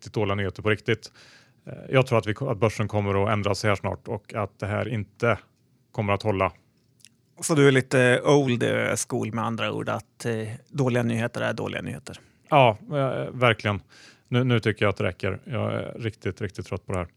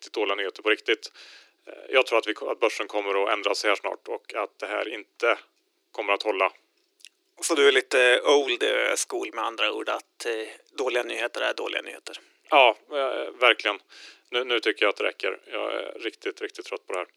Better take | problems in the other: first | thin; very; fading below 300 Hz

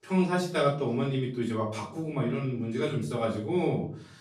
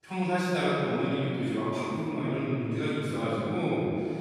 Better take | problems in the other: first | room echo; strong; dies away in 2.9 s; slight in the first // off-mic speech; far; far in the first

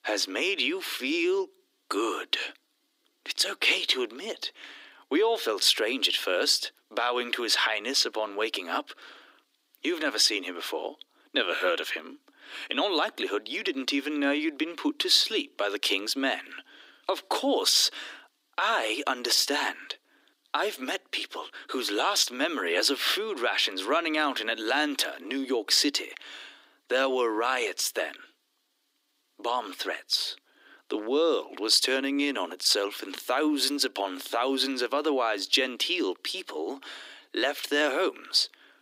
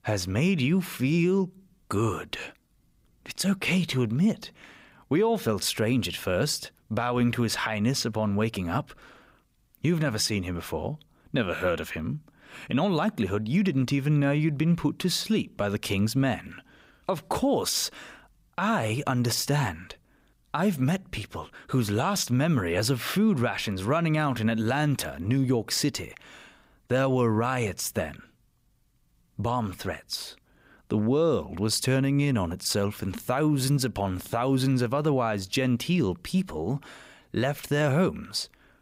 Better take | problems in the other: second | thin; somewhat; fading below 300 Hz

